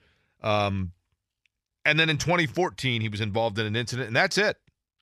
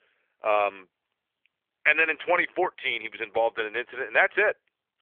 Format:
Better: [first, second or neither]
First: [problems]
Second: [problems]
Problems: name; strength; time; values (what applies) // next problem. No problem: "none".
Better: first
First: none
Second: phone-call audio; nothing above 3.5 kHz